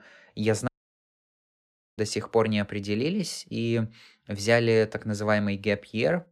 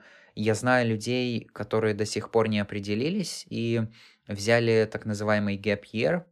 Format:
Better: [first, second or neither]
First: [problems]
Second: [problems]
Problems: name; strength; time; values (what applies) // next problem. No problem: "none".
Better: second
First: audio cutting out; at 0.5 s for 1.5 s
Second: none